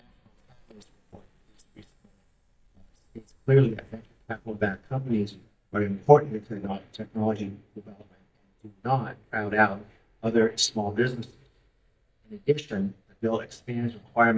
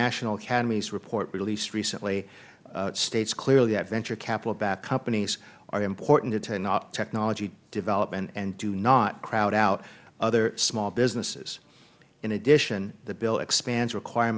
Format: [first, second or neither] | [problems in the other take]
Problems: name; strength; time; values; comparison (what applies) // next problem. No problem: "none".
second | noise reduction (neural mask model DeepFilterNet 3)